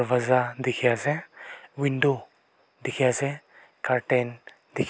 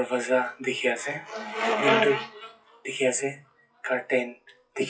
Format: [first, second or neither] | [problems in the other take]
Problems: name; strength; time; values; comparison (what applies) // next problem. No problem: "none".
first | noise reduction (classical method WPE with log-MMSE)